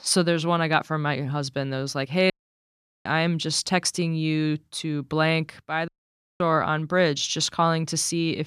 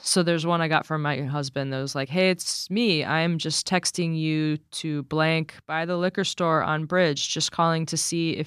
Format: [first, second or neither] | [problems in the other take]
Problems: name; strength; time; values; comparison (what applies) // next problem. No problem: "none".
second | audio cutting out; at 2.5 s for 1 s and at 6 s for 0.5 s